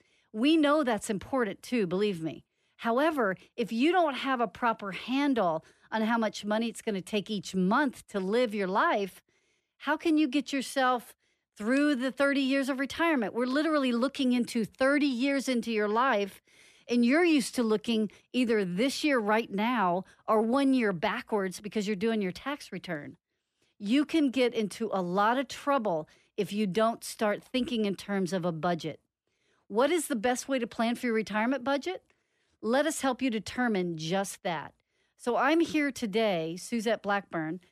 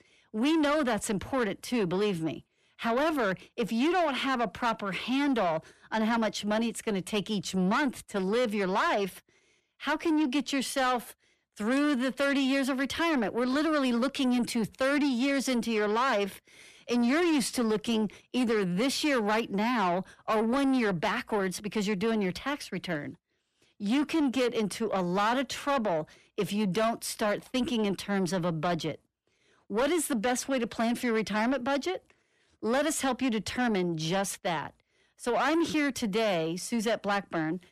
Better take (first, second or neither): first